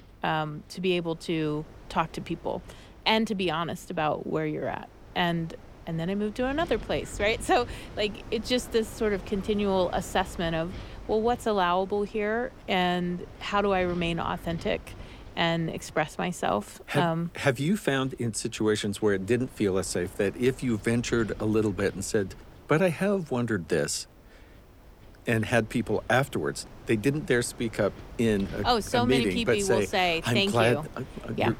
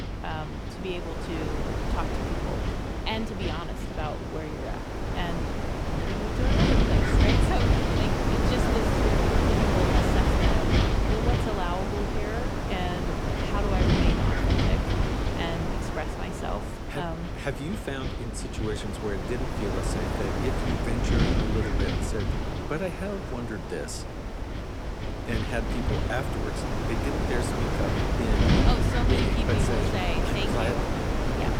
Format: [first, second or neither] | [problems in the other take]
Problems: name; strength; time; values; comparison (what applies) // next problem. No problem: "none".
first | wind noise on the microphone; heavy; 4 dB above the speech; occasional gusts in the first